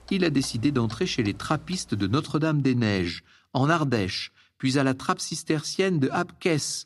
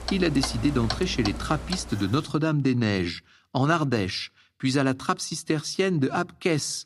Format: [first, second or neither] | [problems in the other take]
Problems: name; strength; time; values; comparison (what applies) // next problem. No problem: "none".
first | household noises; loud; until 2 s; 8 dB below the speech; faint in the first